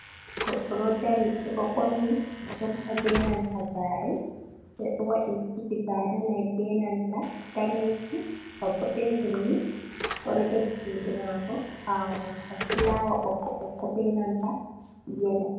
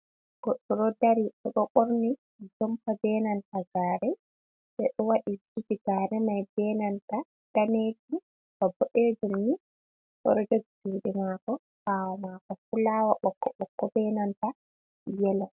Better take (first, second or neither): second